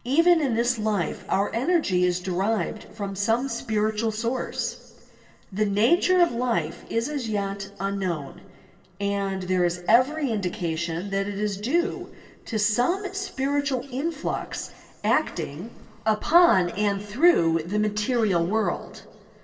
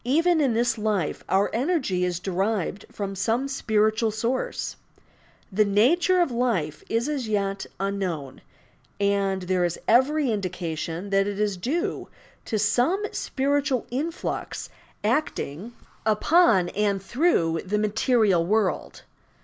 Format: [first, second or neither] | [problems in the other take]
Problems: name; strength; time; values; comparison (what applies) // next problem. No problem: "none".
second | room echo; dies away in 1.8 s